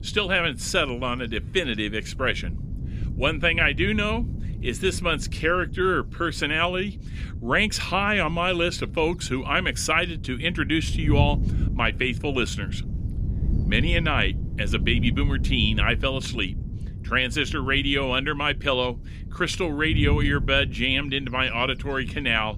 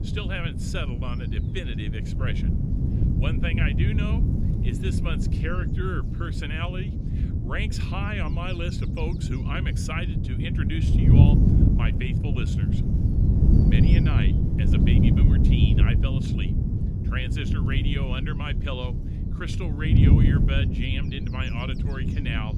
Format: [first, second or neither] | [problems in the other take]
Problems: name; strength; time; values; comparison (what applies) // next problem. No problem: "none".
first | wind noise on the microphone; heavy; 1 dB below the speech; occasional gusts in the first